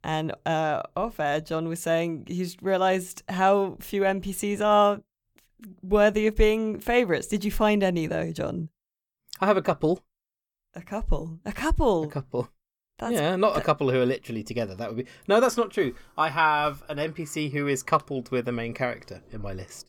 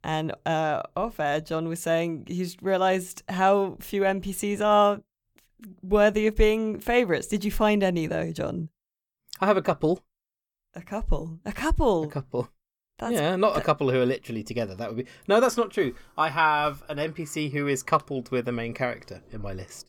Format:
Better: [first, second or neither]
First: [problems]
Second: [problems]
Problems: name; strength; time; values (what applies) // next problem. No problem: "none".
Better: neither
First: none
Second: none